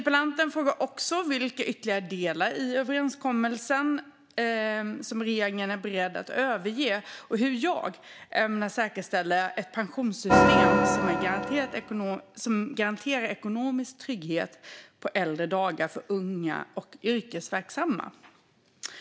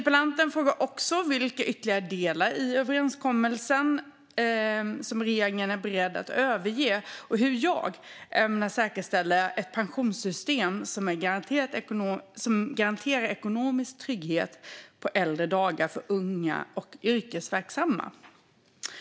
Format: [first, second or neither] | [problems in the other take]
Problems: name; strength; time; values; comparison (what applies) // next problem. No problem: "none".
second | background sound (Organ); 5 dB above the speech